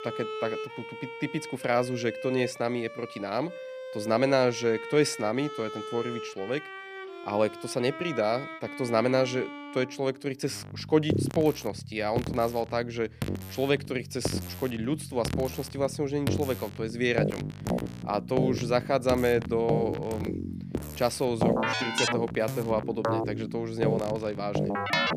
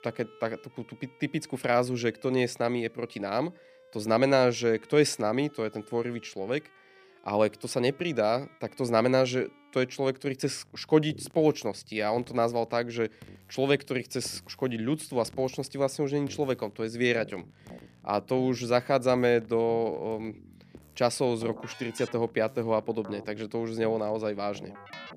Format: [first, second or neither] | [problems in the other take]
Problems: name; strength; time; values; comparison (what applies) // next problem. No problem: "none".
second | background music; loud; throughout; 5 dB below the speech; faint in the second